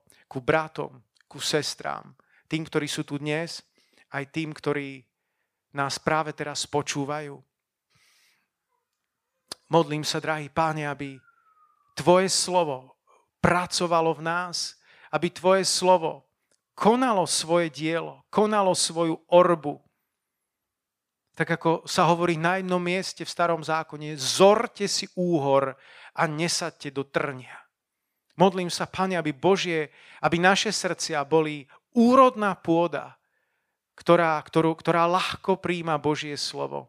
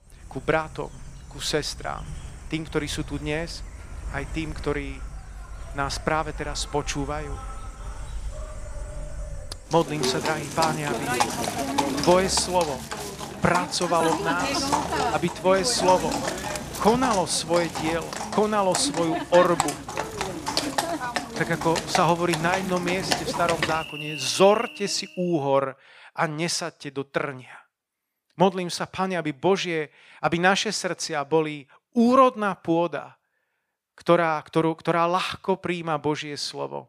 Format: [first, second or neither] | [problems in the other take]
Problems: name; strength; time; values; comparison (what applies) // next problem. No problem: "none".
first | animal sounds; loud; until 25 s; 5 dB below the speech